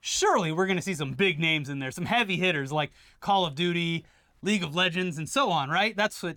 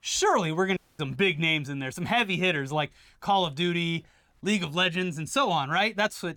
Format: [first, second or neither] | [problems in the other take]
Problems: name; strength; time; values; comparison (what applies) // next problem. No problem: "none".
first | audio cutting out; at 1 s